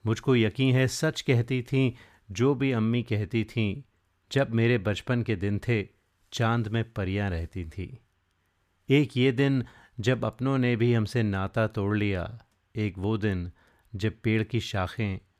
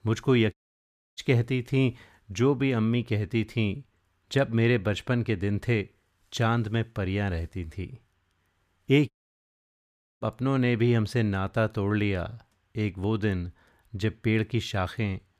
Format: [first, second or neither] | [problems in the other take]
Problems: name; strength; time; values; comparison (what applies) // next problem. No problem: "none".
first | audio cutting out; at 0.5 s for 0.5 s and at 9 s for 1 s